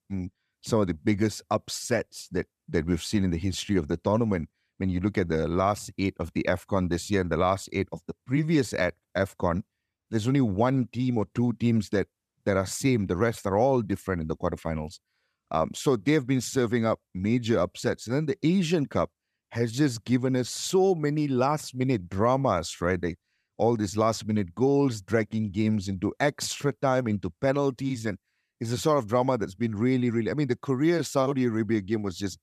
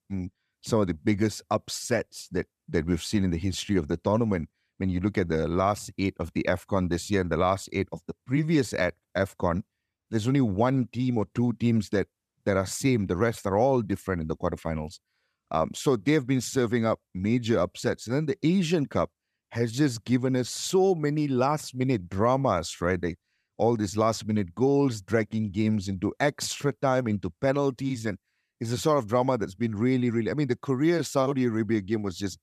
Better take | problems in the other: neither | none

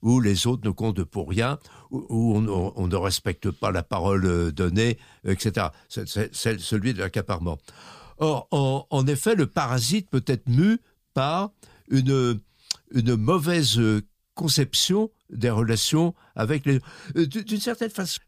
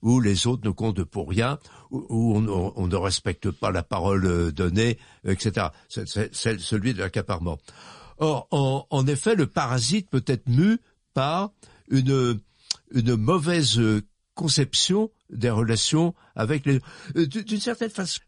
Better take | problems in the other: first | garbled, watery; slightly; nothing above 10.5 kHz

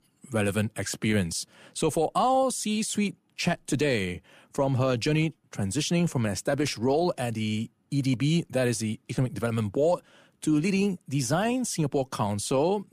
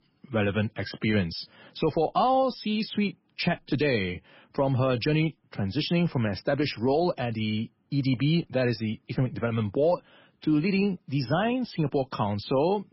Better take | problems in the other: first | garbled, watery; badly; nothing above 5.5 kHz

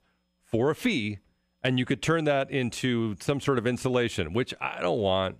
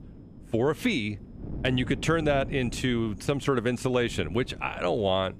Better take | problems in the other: first | wind noise on the microphone; occasional gusts; 20 dB below the speech

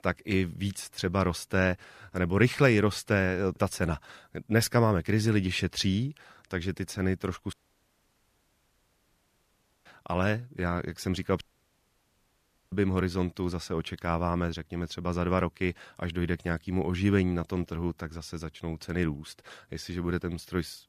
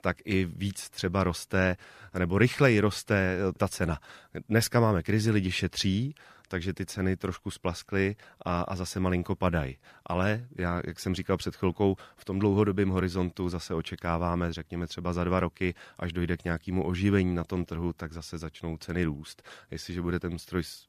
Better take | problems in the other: second | audio cutting out; at 7.5 s for 2.5 s and at 11 s for 1.5 s

